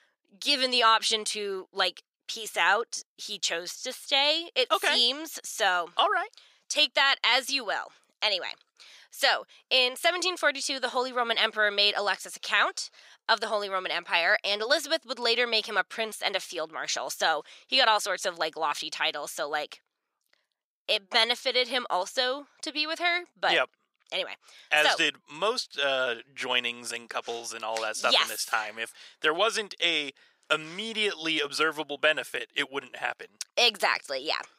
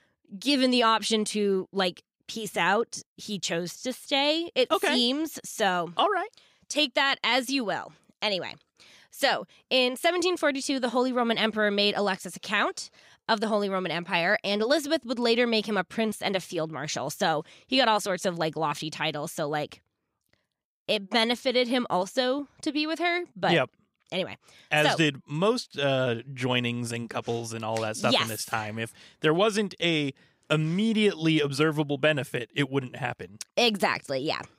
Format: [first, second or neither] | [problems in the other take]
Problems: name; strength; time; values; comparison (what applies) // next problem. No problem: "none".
second | thin; very; fading below 550 Hz